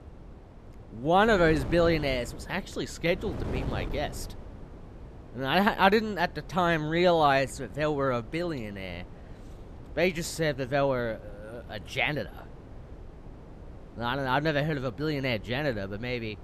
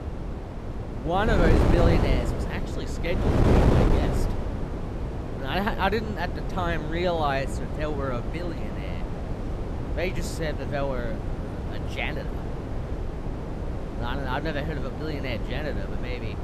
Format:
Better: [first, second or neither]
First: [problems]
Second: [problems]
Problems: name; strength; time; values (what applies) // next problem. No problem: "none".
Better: first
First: wind noise on the microphone; occasional gusts; 20 dB below the speech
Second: wind noise on the microphone; heavy; 4 dB below the speech